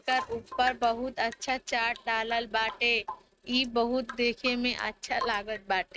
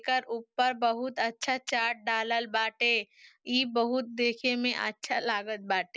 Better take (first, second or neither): second